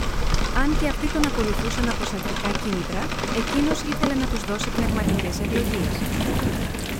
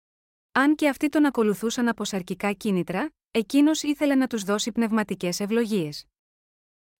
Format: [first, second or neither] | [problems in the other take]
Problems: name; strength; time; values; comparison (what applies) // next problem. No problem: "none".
second | rain or running water; very loud; throughout; 2 dB above the speech